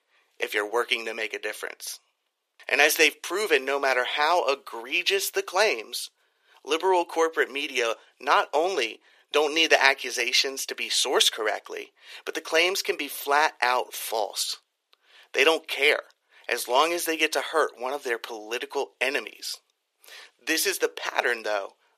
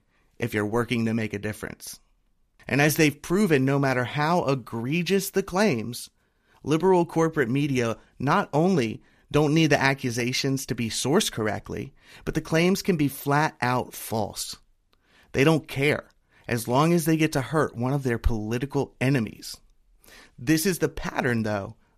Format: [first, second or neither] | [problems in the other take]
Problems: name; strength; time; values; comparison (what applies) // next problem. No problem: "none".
second | thin; very; fading below 400 Hz